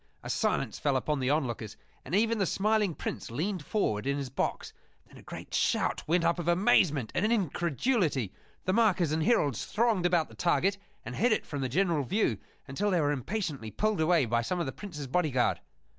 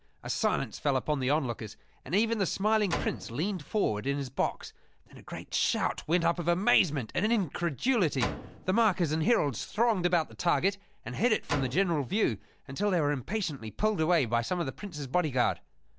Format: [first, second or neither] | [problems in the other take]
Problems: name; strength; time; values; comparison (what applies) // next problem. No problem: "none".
first | background sound (Slam); 12 dB below the speech